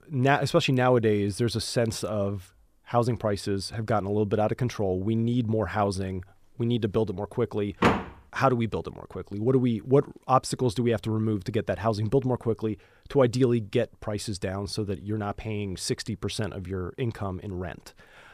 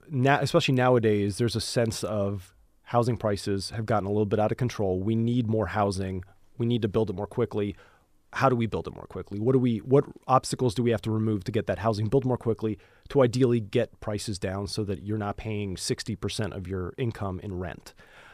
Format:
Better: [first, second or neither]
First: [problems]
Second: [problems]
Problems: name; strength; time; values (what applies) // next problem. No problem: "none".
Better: second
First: door banging; loud; at 8 s; peak 3 dB above the speech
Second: none